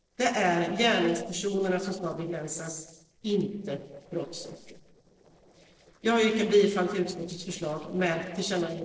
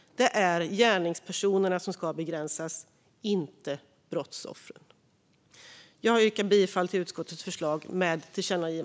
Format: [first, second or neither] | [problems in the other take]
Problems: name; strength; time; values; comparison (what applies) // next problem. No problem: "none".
second | noise reduction (neural separator model SepFormer DNS4)